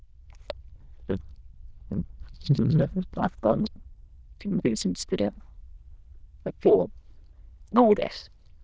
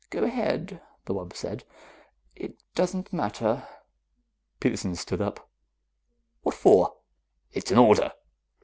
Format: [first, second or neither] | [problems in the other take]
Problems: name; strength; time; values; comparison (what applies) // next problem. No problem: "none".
second | noise reduction (neural diffusion model UNIVERSE++)